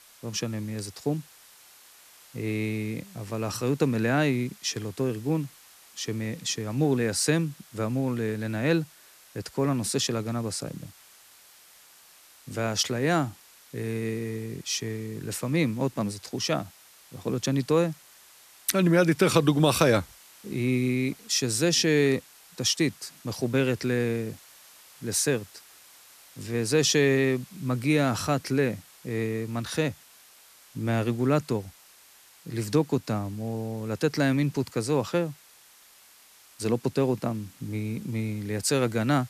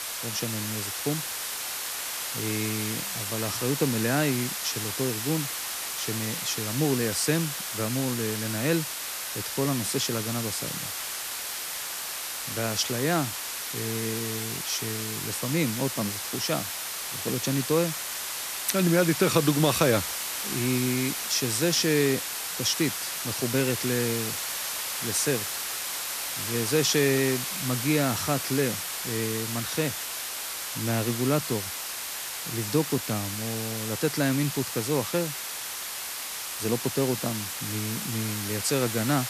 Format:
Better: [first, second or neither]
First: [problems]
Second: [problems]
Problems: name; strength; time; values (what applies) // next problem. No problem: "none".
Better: first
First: hiss; faint; throughout; 25 dB below the speech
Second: hiss; loud; throughout; 2 dB below the speech